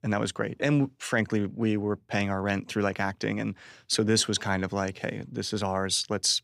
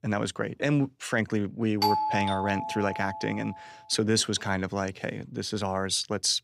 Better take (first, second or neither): first